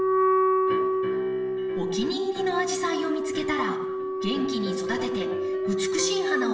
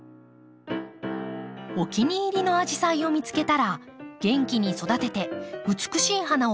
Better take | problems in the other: second | background sound (Wind instrument, woodwind instrument); 4 dB above the speech // room echo; dies away in 0.8 s

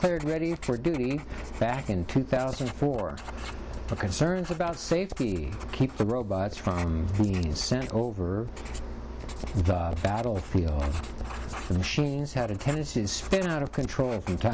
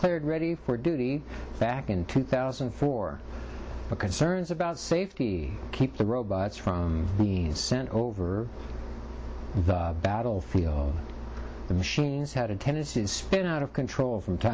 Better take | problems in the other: second | background sound (Writing); 13 dB below the speech

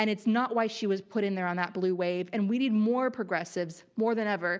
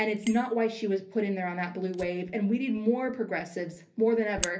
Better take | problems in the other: first | background sound (Fire); 17 dB below the speech // room echo; dies away in 0.3 s

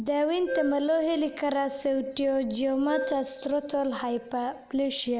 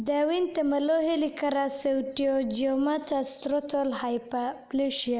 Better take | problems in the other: second | background sound (Keyboard (musical)); 11 dB below the speech

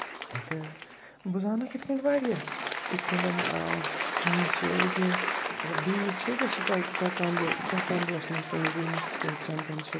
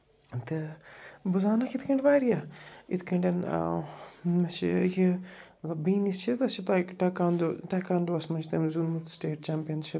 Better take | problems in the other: second | background sound (Applause); 1 dB below the speech

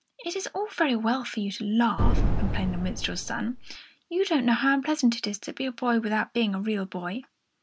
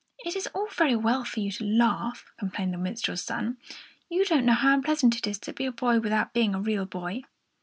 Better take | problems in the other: second | background sound (Boom); 3 dB above the speech

